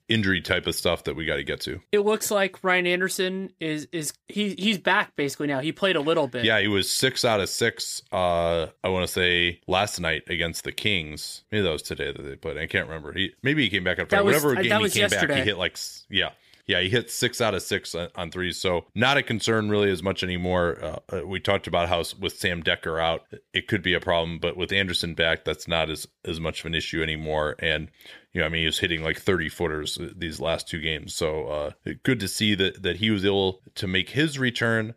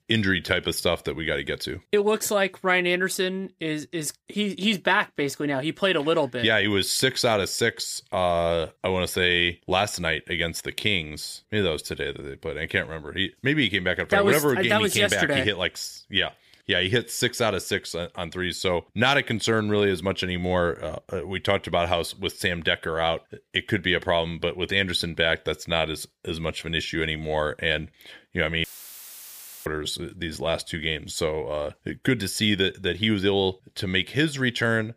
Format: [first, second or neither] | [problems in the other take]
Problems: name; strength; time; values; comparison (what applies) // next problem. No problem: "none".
first | audio cutting out; filled with static; at 29 s for 1 s